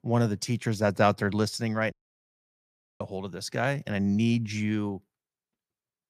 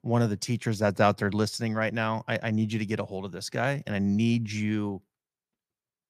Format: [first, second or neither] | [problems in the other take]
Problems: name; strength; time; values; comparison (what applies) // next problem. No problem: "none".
second | audio cutting out; at 2 s for 1 s